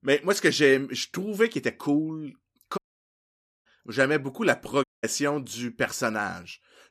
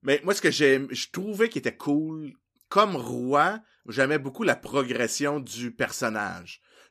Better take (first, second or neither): second